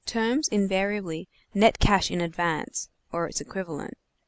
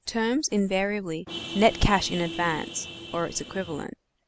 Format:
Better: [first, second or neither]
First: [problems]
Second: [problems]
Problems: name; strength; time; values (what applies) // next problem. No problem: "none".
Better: first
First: none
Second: background sound (Vehicle horn, car horn, honking); 11 dB below the speech